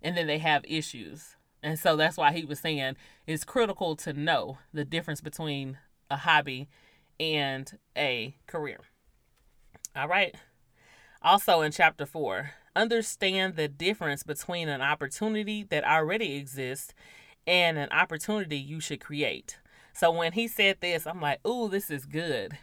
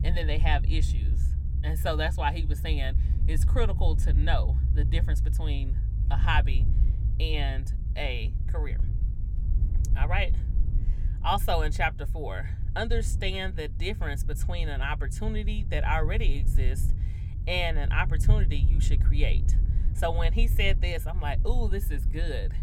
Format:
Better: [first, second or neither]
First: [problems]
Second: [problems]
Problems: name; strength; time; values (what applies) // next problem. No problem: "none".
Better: first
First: none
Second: low rumble; noticeable; throughout; 15 dB below the speech